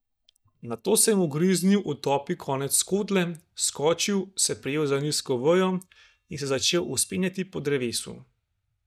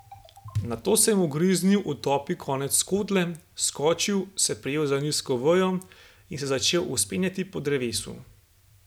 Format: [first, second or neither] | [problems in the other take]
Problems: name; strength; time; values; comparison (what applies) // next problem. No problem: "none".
second | noise reduction (neural mask model DeepFilterNet 3)